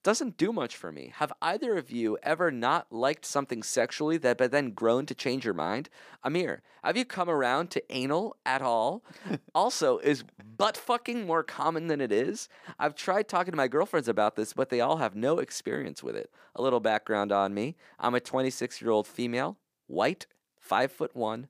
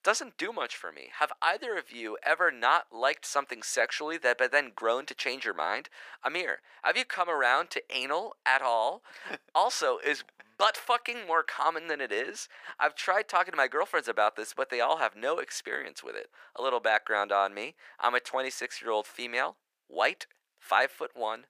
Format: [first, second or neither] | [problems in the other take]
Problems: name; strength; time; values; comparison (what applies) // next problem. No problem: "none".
first | thin; very; fading below 650 Hz